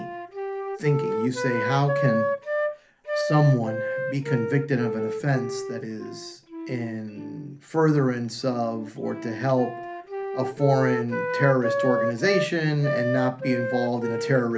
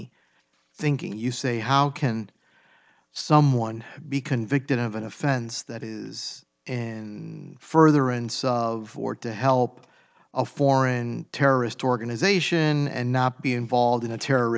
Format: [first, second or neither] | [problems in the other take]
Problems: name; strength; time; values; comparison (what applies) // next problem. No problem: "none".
second | background sound (Wind instrument, woodwind instrument); 4 dB below the speech // room echo; dies away in 0.3 s